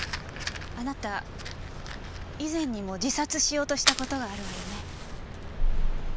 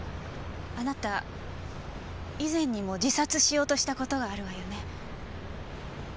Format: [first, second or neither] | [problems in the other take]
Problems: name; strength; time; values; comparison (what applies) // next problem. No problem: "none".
second | background sound (Fire); 1 dB above the speech